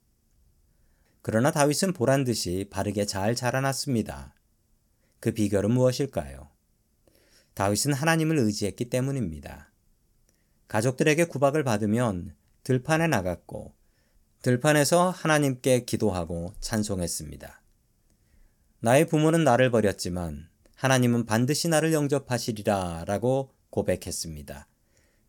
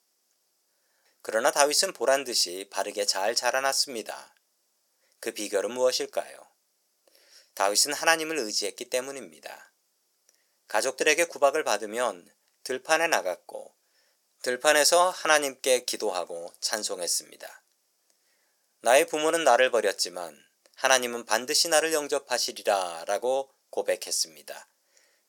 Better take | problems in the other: first | thin; very; fading below 500 Hz

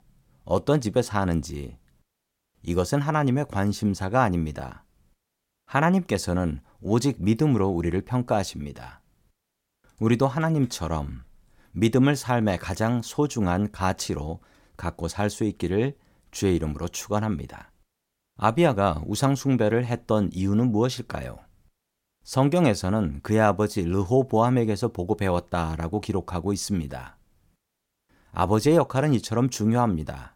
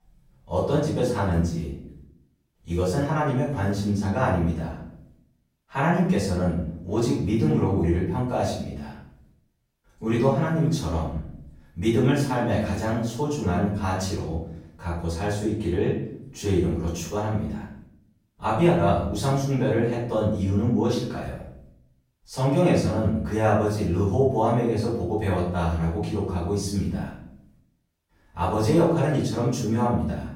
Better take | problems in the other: first | room echo; noticeable; dies away in 0.6 s // off-mic speech; far

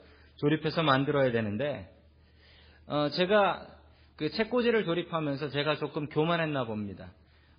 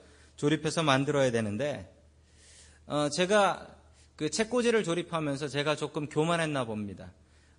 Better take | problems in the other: second | garbled, watery; badly; slightly in the second

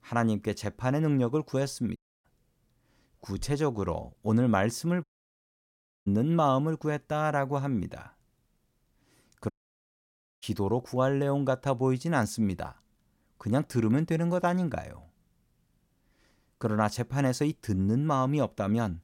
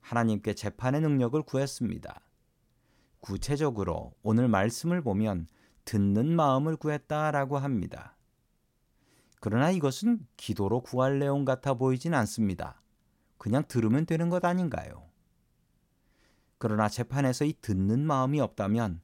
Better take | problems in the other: second | audio cutting out; at 2 s, at 5 s for 1 s and at 9.5 s for 1 s

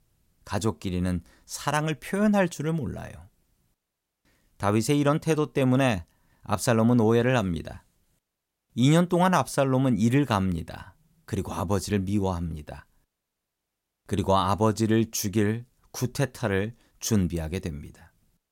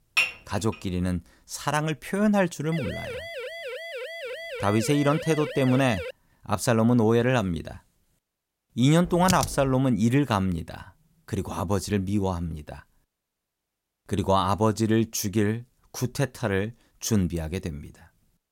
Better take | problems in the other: first | clattering dishes; loud; at the start; peak 1 dB above the speech // siren; noticeable; from 2.5 to 6 s; peak 9 dB below the speech // keyboard typing; noticeable; at 9 s; peak 4 dB below the speech

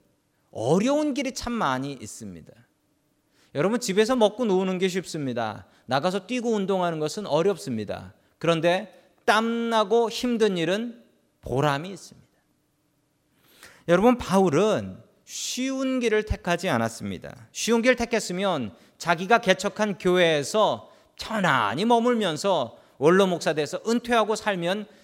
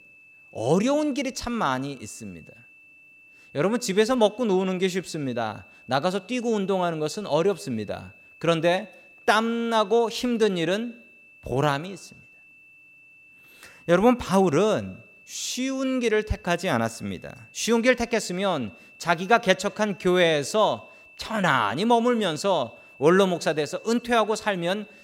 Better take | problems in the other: first | high-pitched whine; faint; throughout; 2.5 kHz, 25 dB below the speech

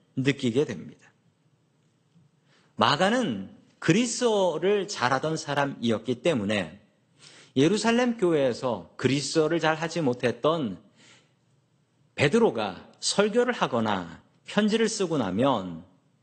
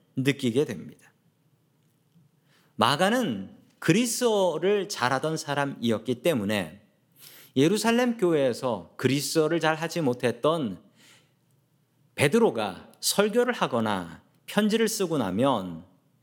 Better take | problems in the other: second | garbled, watery; slightly; nothing above 8.5 kHz

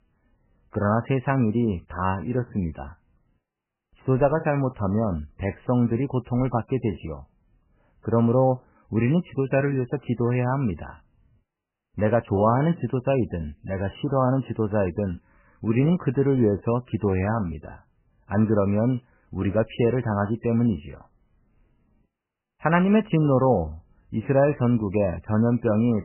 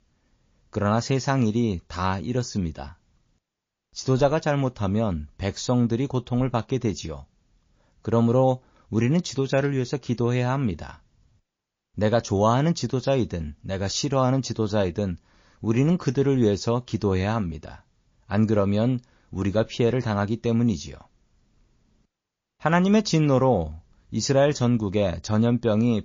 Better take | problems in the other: second | garbled, watery; badly; nothing above 3 kHz; slightly in the second

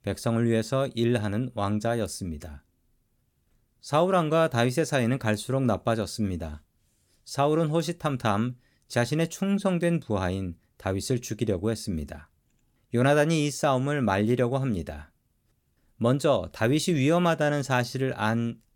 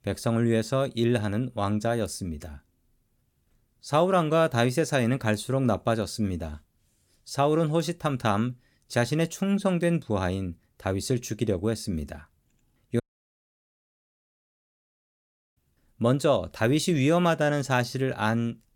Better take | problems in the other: first | audio cutting out; at 13 s for 2.5 s

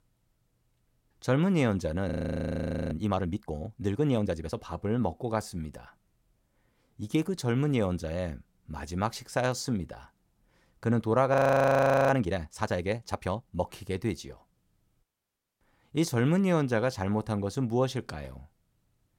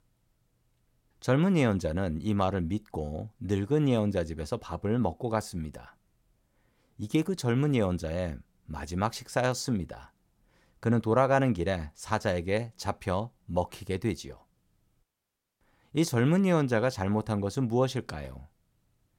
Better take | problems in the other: second | audio freezing; at 2 s for 1 s and at 11 s for 1 s

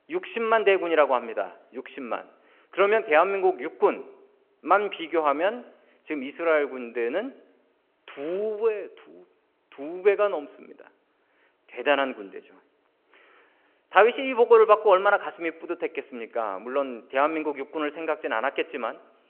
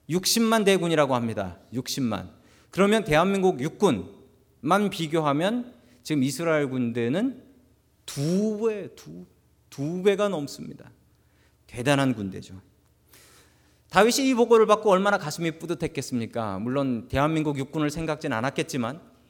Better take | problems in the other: second | phone-call audio

